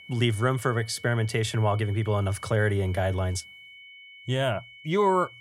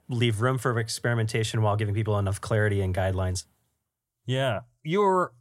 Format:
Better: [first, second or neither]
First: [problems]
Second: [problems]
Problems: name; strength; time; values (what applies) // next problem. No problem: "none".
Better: second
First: high-pitched whine; noticeable; throughout; 2 kHz, 20 dB below the speech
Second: none